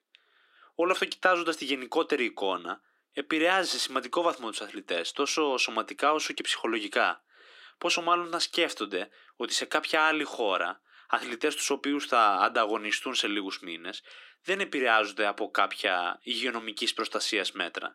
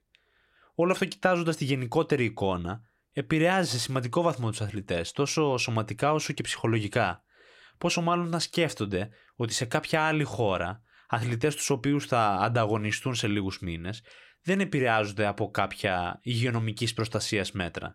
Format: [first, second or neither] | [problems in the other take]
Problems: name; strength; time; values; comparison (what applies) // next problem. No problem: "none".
second | thin; somewhat; fading below 250 Hz